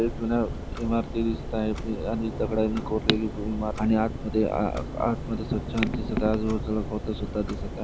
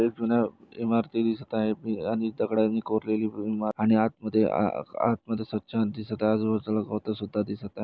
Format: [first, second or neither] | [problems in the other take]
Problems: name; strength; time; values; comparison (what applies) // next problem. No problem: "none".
second | background sound (Clock); 4 dB below the speech